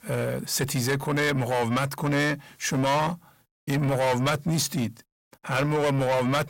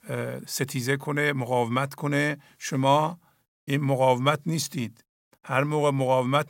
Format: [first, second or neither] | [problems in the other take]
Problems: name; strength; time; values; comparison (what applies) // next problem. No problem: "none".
second | distortion; heavy; 6 dB below the speech